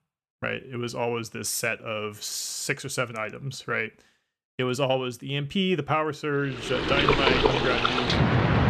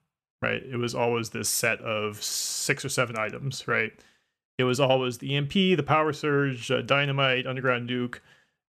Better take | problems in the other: second | rain or running water; very loud; from 6.5 s on; 5 dB above the speech

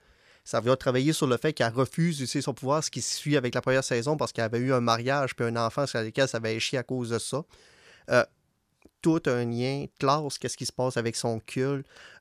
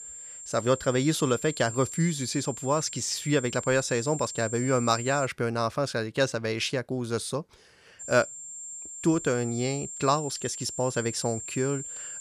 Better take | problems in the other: first | high-pitched whine; loud; until 5.5 s and from 8 s on; 7.5 kHz, 9 dB below the speech

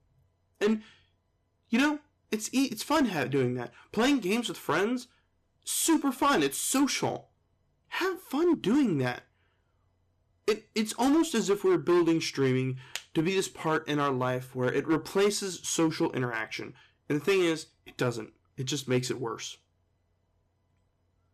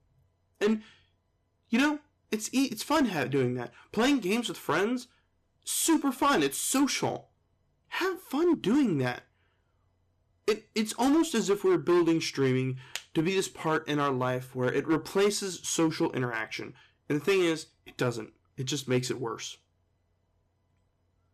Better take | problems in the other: neither | distortion; slight; 5% of the sound clipped; the same in both

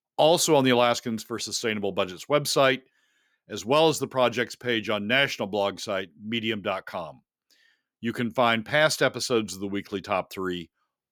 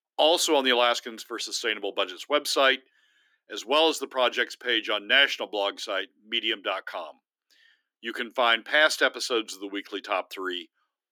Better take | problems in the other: first | thin; somewhat; fading below 300 Hz

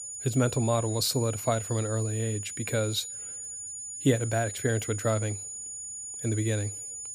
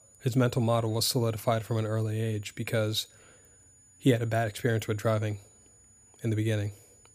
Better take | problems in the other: second | high-pitched whine; loud; throughout; 7 kHz, 7 dB below the speech; faint in the second

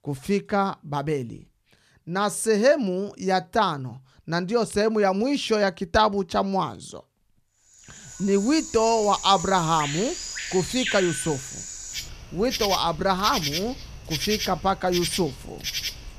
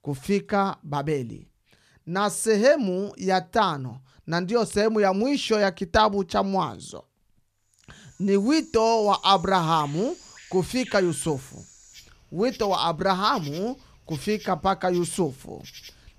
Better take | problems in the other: second | animal sounds; loud; from 8 s on; 6 dB below the speech; faint in the second

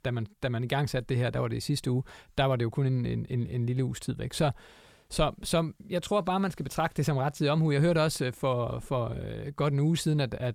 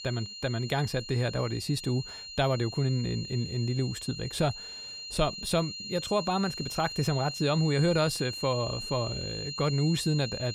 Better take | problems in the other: first | high-pitched whine; loud; throughout; 4 kHz, 8 dB below the speech

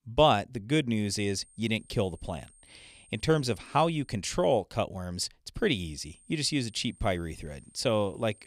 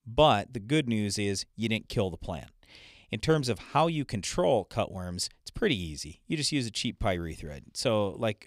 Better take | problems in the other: second | high-pitched whine; faint; from 1 to 4 s and from 5.5 s on; 8.5 kHz, 30 dB below the speech

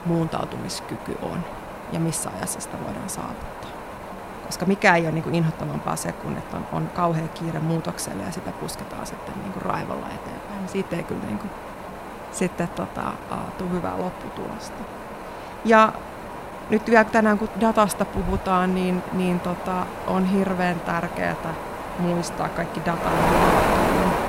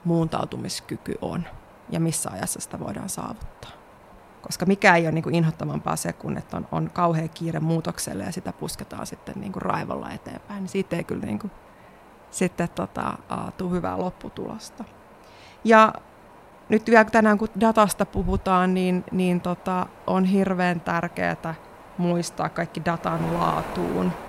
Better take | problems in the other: second | wind noise on the microphone; heavy; 5 dB below the speech; occasional gusts in the second

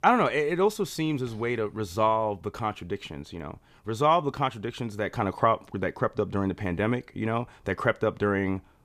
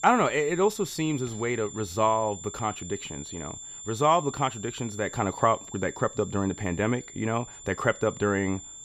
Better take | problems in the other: first | high-pitched whine; noticeable; throughout; 7.5 kHz, 15 dB below the speech

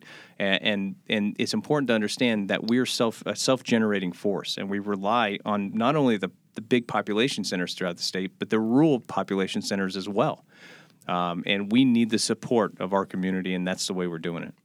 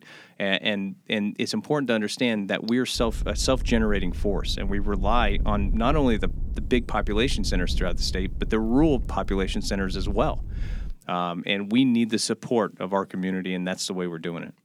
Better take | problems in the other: first | wind noise on the microphone; occasional gusts; from 3 to 11 s; 20 dB below the speech

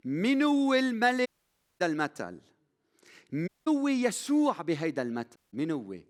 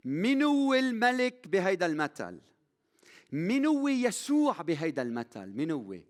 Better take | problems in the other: second | audio cutting out; at 1.5 s for 0.5 s, at 3.5 s and at 5.5 s

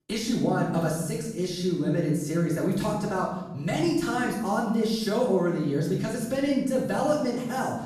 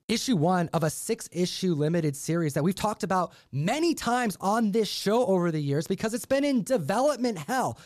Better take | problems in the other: second | off-mic speech; far // room echo; noticeable; dies away in 1 s

